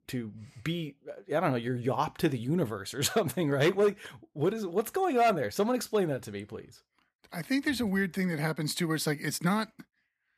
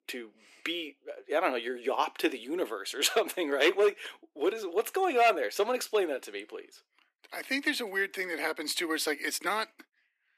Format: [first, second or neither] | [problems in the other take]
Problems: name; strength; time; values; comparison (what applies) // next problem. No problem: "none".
first | thin; somewhat; fading below 300 Hz